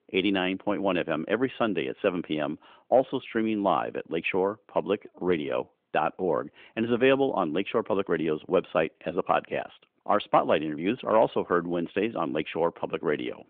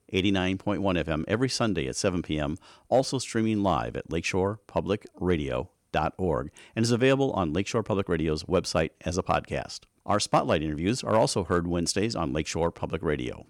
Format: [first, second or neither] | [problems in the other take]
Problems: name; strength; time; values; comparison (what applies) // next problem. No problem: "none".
second | phone-call audio; nothing above 3.5 kHz